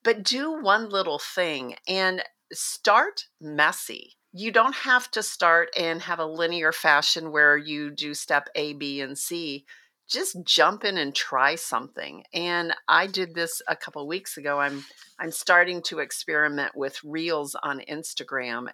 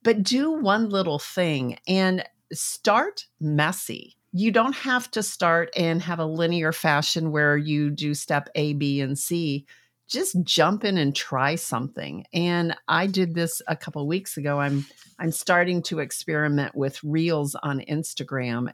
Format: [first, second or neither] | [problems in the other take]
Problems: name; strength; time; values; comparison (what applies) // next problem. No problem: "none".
second | thin; somewhat; fading below 450 Hz